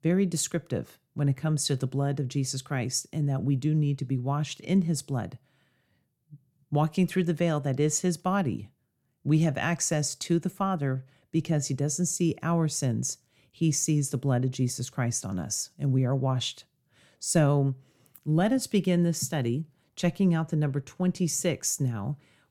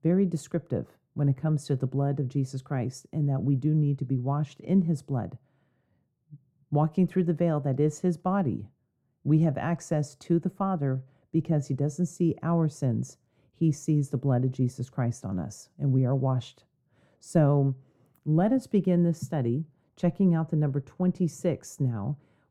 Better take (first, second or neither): first